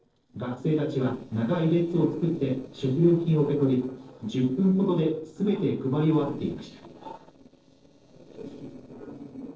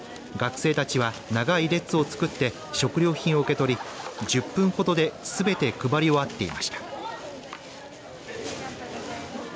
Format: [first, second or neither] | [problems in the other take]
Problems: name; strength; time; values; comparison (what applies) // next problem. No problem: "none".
second | noise reduction (neural separator model SepFormer DNS4)